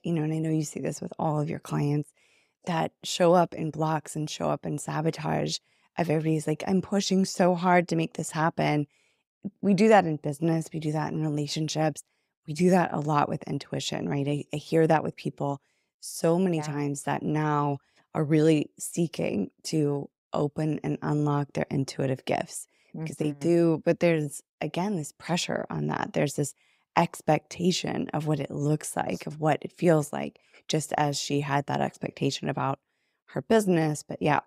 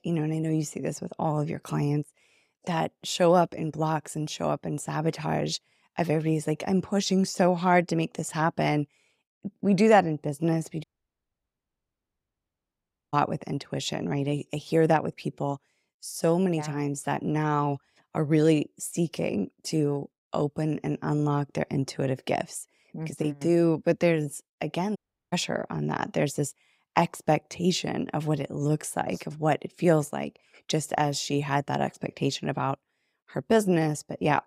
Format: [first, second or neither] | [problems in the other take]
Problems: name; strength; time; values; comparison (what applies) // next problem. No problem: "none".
first | audio cutting out; at 11 s for 2.5 s and at 25 s